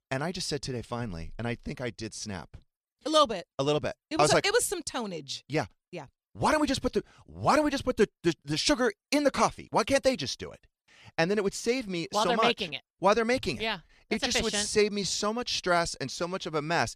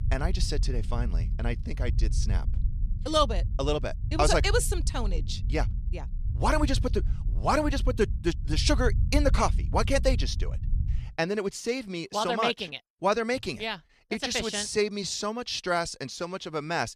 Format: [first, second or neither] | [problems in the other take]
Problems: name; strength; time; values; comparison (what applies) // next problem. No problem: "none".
first | low rumble; noticeable; until 11 s; 20 dB below the speech